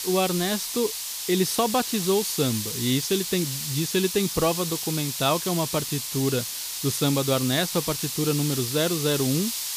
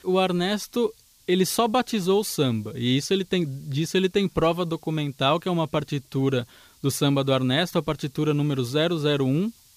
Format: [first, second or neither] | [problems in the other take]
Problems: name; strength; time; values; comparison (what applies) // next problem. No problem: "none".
second | hiss; loud; throughout; 3 dB below the speech; faint in the second